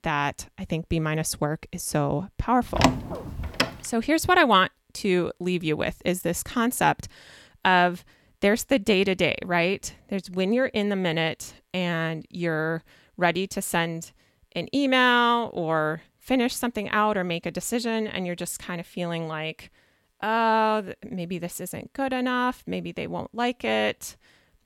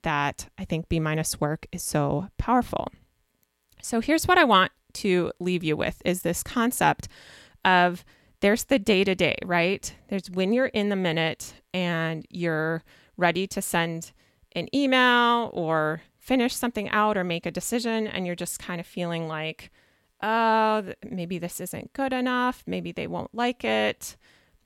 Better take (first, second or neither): second